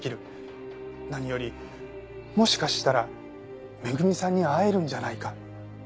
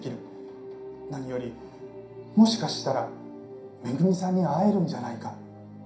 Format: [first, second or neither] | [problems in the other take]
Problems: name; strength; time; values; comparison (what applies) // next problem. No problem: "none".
first | room echo; dies away in 0.5 s